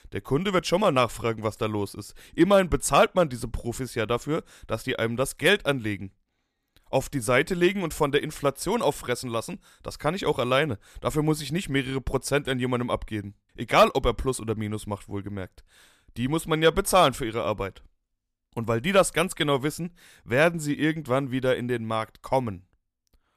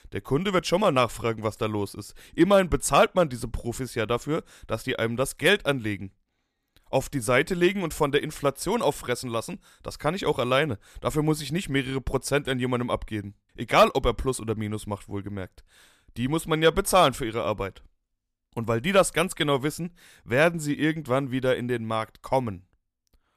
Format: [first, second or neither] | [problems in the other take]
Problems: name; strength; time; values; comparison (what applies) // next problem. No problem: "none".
neither | none